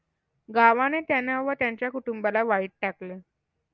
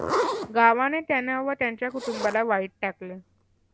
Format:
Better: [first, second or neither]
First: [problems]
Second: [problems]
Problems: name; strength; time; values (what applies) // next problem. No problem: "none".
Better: first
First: none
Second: background sound (Zipper (clothing)); 8 dB below the speech